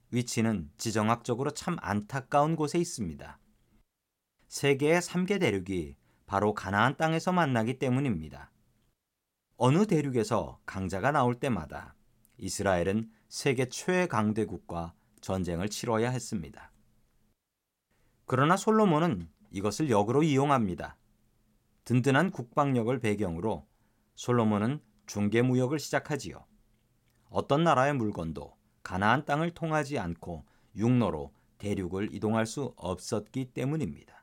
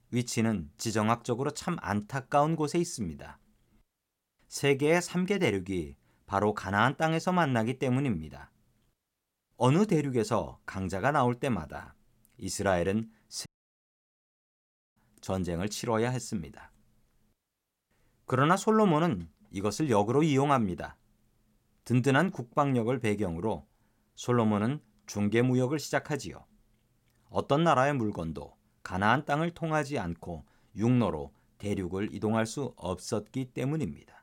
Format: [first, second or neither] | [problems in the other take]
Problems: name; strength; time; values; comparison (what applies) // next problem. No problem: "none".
first | audio cutting out; at 13 s for 1.5 s